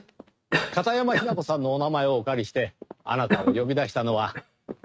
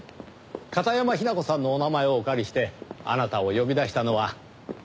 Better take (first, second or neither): second